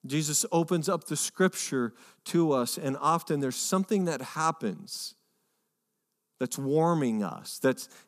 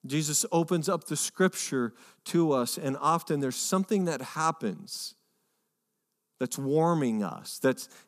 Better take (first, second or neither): neither